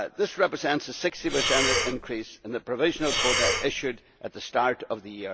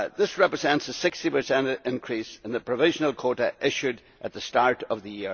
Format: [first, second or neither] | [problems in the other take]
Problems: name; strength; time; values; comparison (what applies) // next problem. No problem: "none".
second | background sound (Breathing); 1 dB above the speech